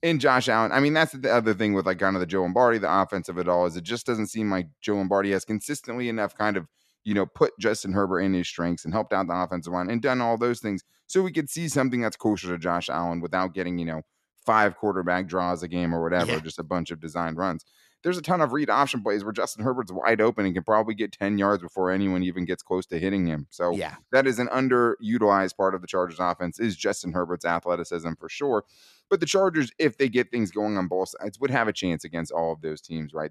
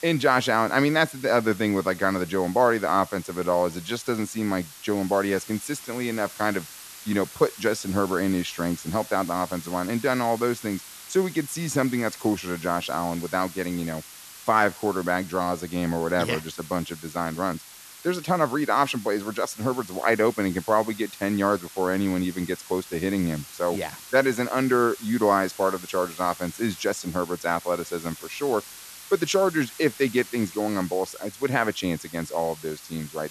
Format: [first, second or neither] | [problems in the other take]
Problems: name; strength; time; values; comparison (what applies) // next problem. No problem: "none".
first | hiss; noticeable; throughout; 15 dB below the speech